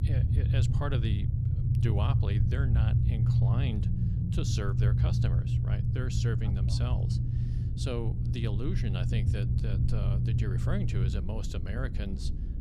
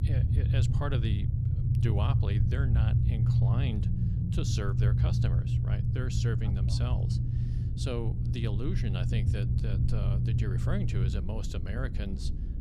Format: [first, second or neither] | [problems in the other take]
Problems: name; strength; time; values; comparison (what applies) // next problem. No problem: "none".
neither | low rumble; loud; throughout; 1 dB below the speech; the same in both